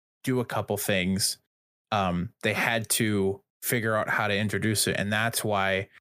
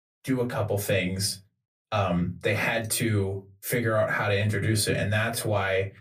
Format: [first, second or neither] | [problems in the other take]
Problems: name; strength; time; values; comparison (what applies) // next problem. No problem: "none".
first | off-mic speech; far // room echo; very slight; dies away in 0.2 s